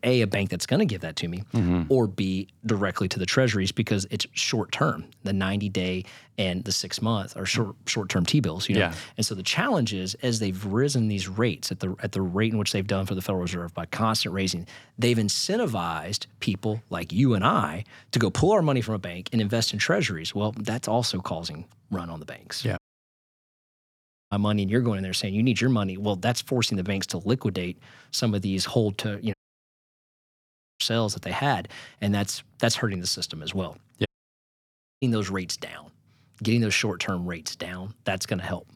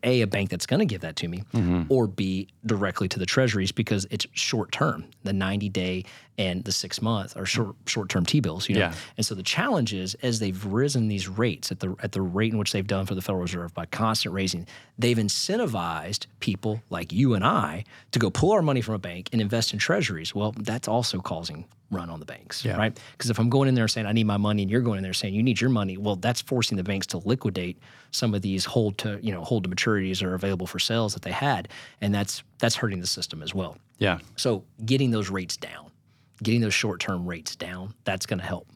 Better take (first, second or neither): second